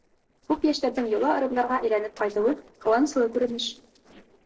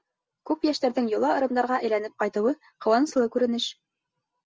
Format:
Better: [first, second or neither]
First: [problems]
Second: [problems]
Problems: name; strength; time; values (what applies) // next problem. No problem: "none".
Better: second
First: noise reduction (neural separator model SepFormer DNS4)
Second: none